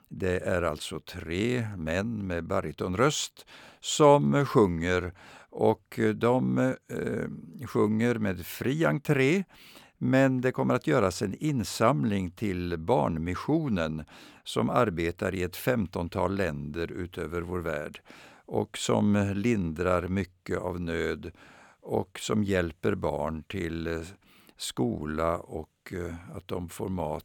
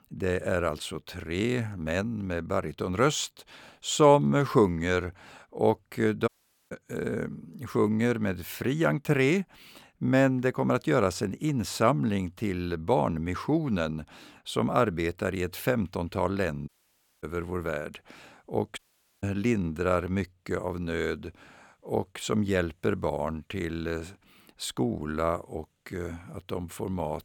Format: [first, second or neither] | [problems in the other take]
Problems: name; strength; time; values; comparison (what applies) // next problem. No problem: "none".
first | audio cutting out; at 6.5 s, at 17 s for 0.5 s and at 19 s